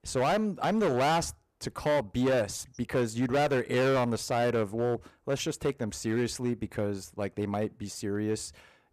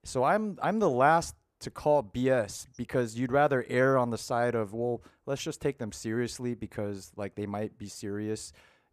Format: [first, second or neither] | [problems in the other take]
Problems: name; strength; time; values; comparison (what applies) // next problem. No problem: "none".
second | distortion; heavy; 11% of the sound clipped